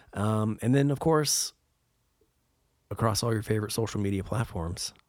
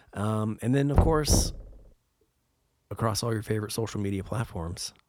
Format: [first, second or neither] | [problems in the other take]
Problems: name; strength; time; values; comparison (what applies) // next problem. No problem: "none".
first | door banging; loud; at 1 s; peak 3 dB above the speech